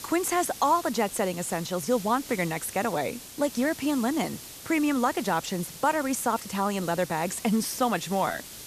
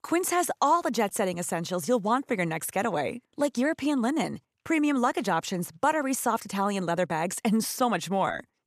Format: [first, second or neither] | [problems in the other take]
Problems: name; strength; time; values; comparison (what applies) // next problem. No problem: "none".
second | hiss; noticeable; throughout; 15 dB below the speech